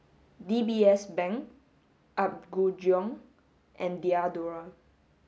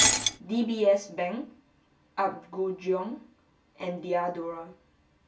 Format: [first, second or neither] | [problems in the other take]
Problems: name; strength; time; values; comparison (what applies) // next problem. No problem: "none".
first | background sound (Shatter); 3 dB below the speech // room echo; dies away in 0.1 s